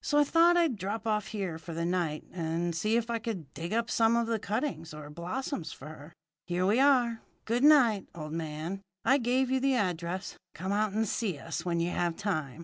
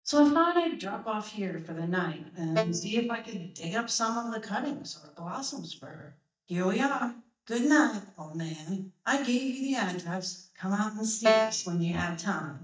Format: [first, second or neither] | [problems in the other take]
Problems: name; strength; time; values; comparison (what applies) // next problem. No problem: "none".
first | noise reduction (neural mask model DeepFilterNet 3)